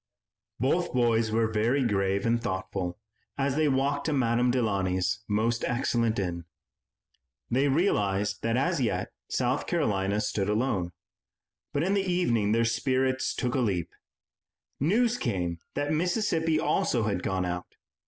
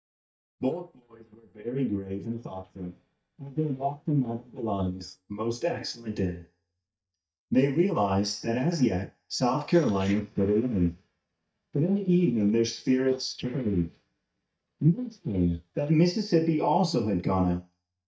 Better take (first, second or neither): first